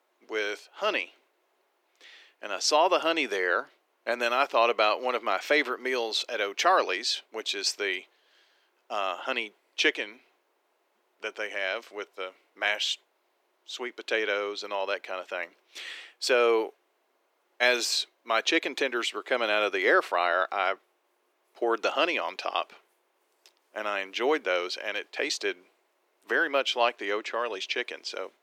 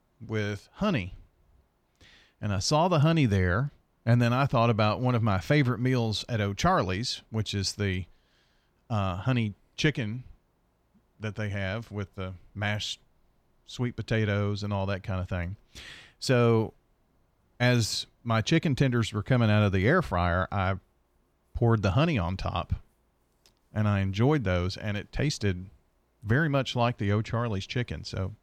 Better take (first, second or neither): second